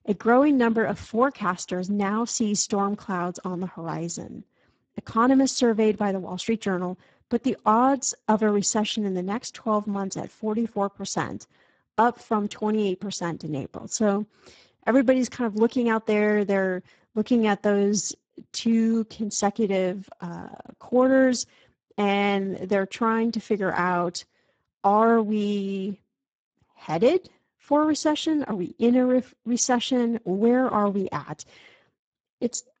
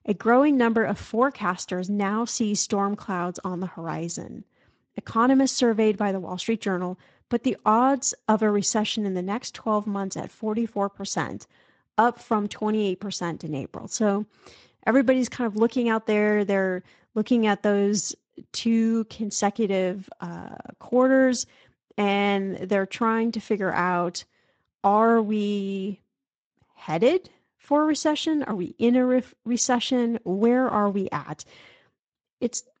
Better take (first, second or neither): second